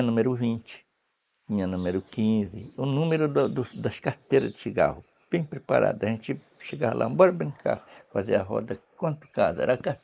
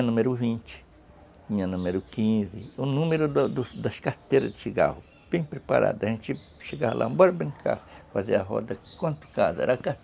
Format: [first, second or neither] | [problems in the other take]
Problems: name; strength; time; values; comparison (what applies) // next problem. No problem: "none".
second | noise reduction (neural mask model Resemble Enhance denoiser)